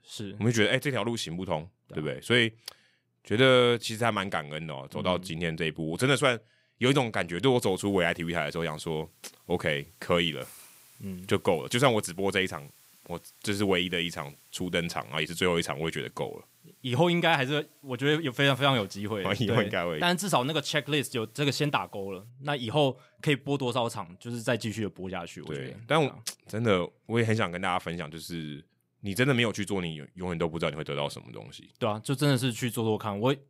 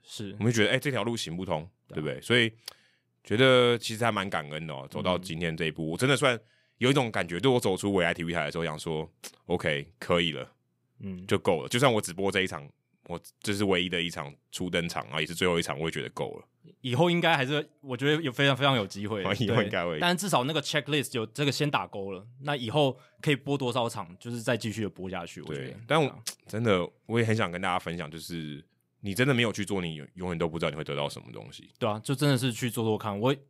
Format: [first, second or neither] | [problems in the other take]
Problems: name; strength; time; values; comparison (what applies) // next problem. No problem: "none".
second | hiss; faint; from 7.5 to 22 s; 30 dB below the speech